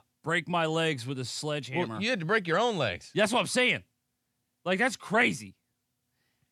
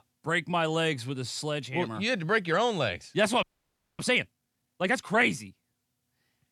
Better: first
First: none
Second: audio freezing; at 3.5 s for 0.5 s

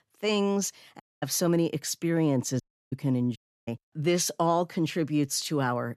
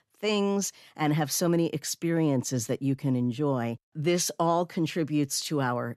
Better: second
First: audio cutting out; at 1 s, at 2.5 s and at 3.5 s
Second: none

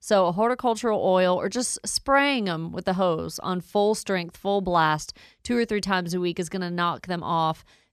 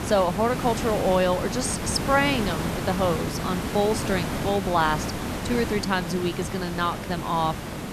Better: first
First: none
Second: hiss; loud; throughout; 5 dB below the speech

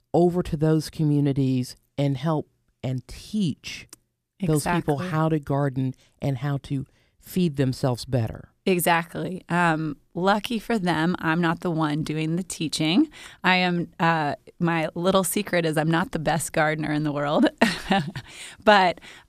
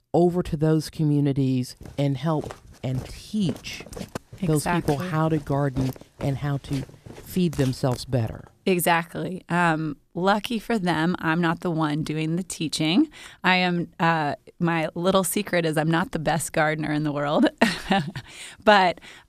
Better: first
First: none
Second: footsteps; faint; from 2 to 8.5 s; peak 10 dB below the speech

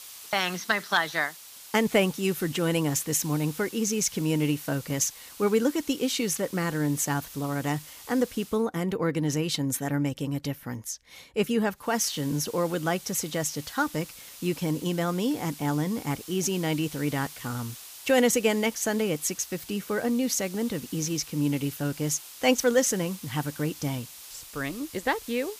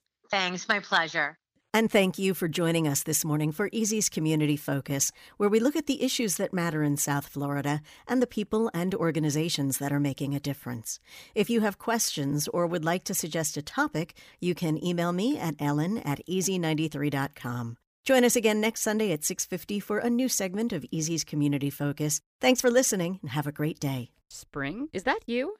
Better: second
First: hiss; noticeable; until 8.5 s and from 12 s on; 15 dB below the speech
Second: none

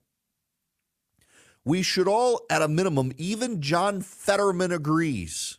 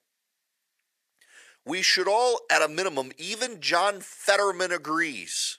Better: first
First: none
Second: thin; very; fading below 500 Hz

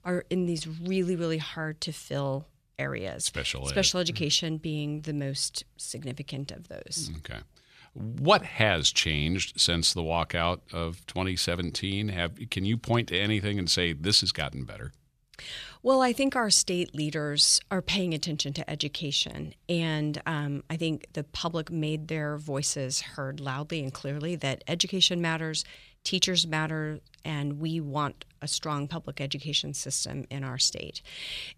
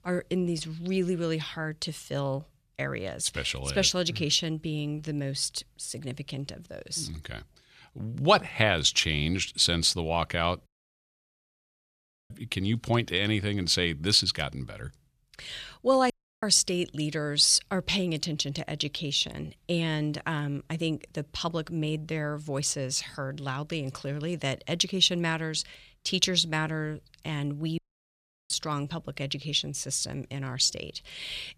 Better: first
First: none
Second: audio cutting out; at 11 s for 1.5 s, at 16 s and at 28 s for 0.5 s

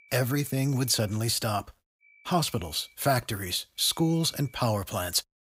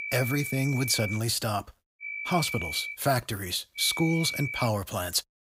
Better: first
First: high-pitched whine; faint; until 1 s, at 2 s and at 4 s; 2.5 kHz, 30 dB below the speech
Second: high-pitched whine; loud; until 1 s, at 2 s and at 4 s; 2.5 kHz, 6 dB below the speech

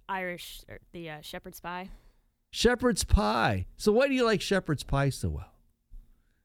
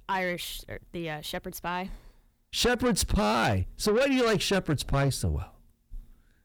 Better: first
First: none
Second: distortion; heavy; 7 dB below the speech

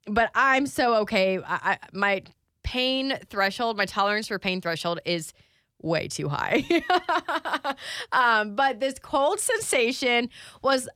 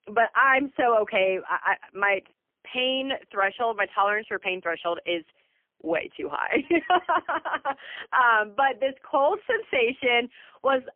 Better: first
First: none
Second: phone-call audio; poor line; nothing above 3 kHz

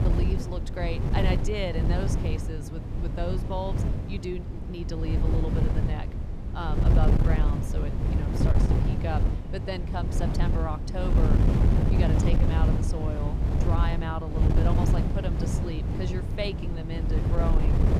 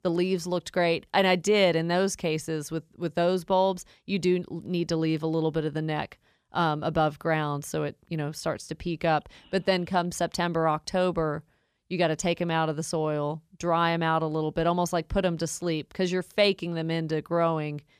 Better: second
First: wind noise on the microphone; heavy; 1 dB below the speech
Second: none

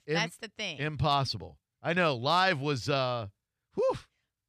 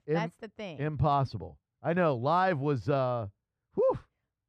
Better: first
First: none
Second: muffled; very; fading above 2 kHz

